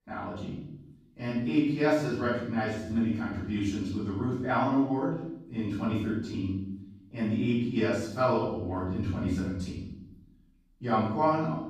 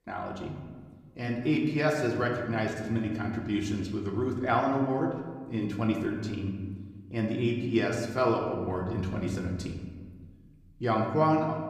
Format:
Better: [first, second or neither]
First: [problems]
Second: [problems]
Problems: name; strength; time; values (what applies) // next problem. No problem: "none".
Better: second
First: room echo; strong; dies away in 0.8 s // off-mic speech; far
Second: room echo; slight; dies away in 1.2 s // off-mic speech; somewhat distant